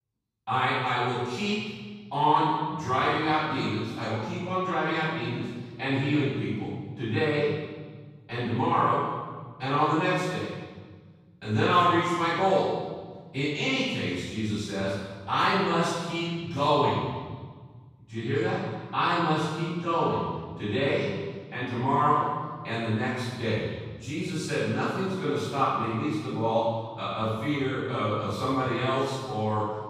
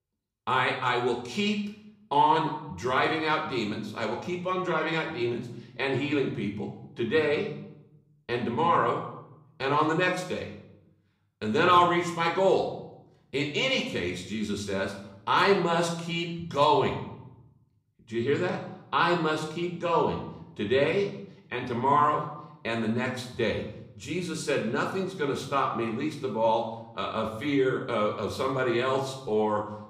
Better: second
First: room echo; strong; dies away in 1.5 s // off-mic speech; far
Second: room echo; slight; dies away in 0.7 s // off-mic speech; somewhat distant

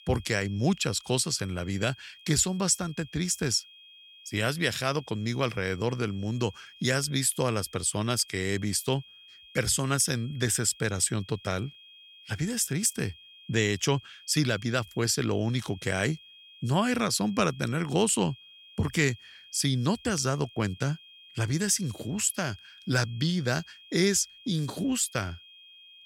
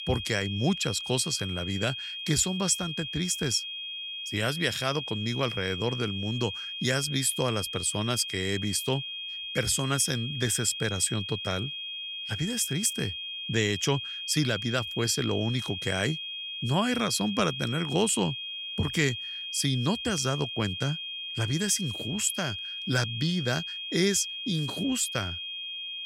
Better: first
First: high-pitched whine; faint; throughout; 3 kHz, 20 dB below the speech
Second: high-pitched whine; loud; throughout; 3 kHz, 5 dB below the speech

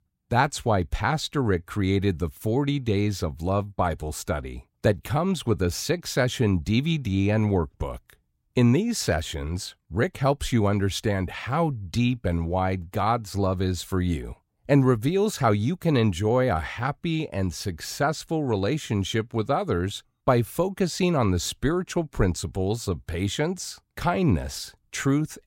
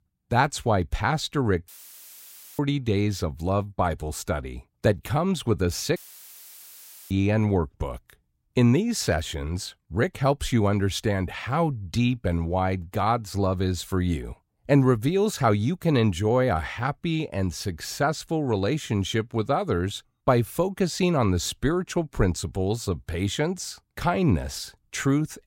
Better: first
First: none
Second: audio cutting out; filled with static; at 1.5 s for 1 s and at 6 s for 1 s

